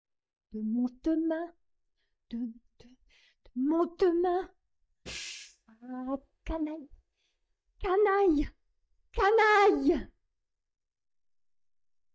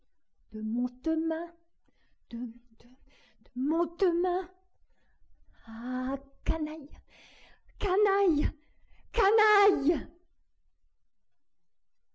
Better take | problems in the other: second | noise reduction (neural mask model DeepFilterNet 3)

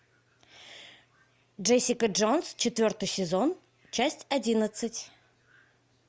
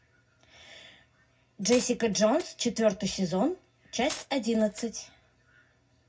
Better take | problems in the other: first | background sound (Glass); 14 dB below the speech // room echo; dies away in 0.4 s

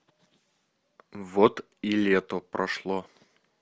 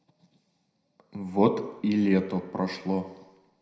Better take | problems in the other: first | room echo; dies away in 0.8 s

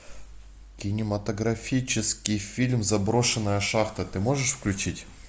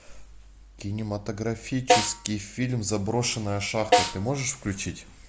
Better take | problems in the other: first | background sound (Snare drum); 2 dB above the speech

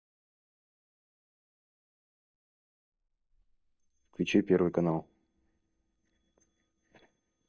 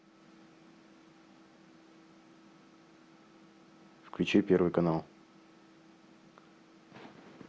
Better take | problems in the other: second | noise reduction (neural mask model DeepFilterNet 3)

